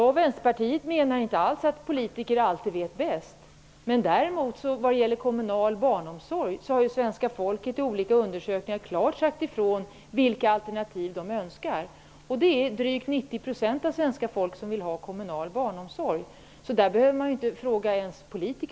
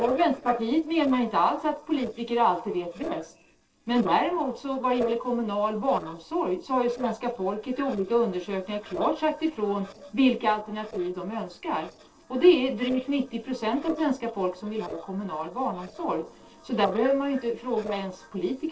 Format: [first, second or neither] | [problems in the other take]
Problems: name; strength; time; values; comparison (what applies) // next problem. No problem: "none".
first | noise reduction (neural separator model SepFormer DNS4)